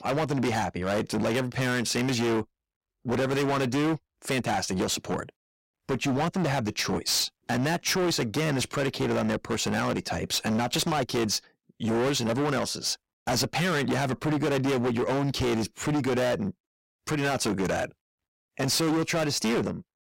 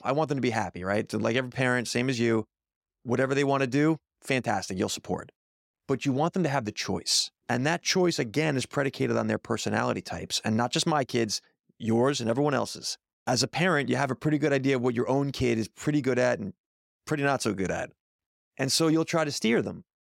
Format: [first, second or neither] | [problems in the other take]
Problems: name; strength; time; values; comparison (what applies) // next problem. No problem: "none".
second | distortion; heavy; 25% of the sound clipped